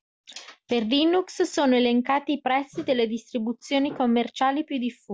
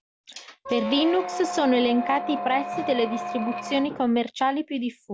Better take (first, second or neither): first